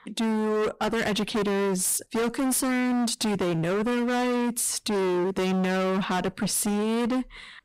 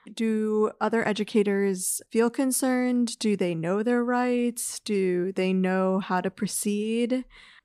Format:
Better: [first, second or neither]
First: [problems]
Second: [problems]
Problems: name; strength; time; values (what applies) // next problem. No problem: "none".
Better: second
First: distortion; heavy; 41% of the sound clipped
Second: none